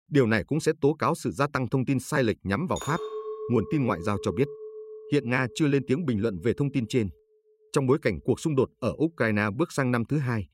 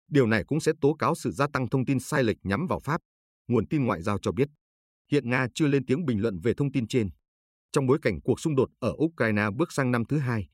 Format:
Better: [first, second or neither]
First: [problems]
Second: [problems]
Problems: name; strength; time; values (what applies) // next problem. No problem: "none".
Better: second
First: clattering dishes; noticeable; from 3 to 6.5 s; peak 8 dB below the speech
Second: none